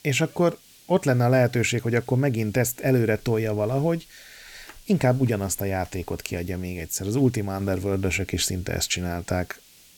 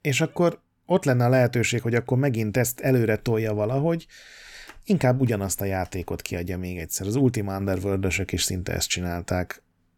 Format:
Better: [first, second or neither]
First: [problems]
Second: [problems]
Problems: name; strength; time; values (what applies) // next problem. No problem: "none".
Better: second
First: hiss; faint; throughout; 25 dB below the speech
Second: none